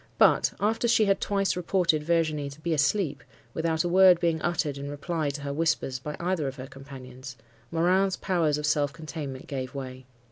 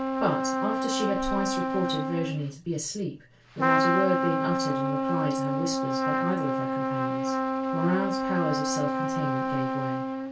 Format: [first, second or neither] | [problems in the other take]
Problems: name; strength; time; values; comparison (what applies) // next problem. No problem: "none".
first | background sound (Trumpet); 3 dB above the speech // room echo; dies away in 0.2 s